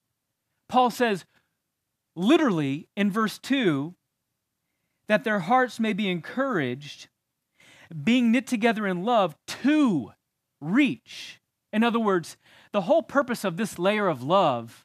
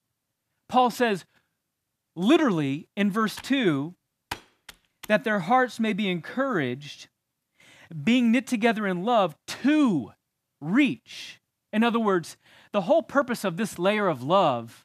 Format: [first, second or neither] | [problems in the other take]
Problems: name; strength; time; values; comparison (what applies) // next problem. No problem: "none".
first | keyboard typing; faint; from 3.5 to 5 s; peak 15 dB below the speech